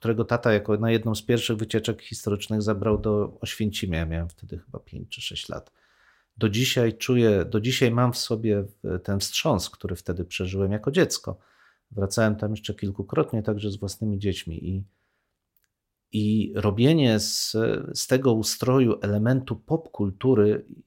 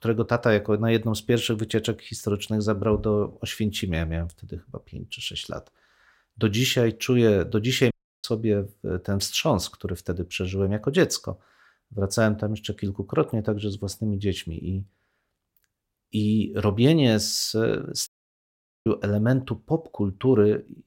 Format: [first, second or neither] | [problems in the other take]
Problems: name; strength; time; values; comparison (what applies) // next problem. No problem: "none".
first | audio cutting out; at 8 s and at 18 s for 1 s